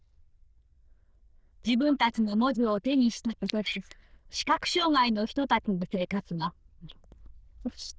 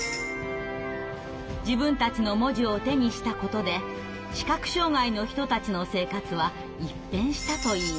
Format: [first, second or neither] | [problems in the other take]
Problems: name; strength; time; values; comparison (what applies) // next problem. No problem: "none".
second | noise reduction (neural diffusion model UNIVERSE++)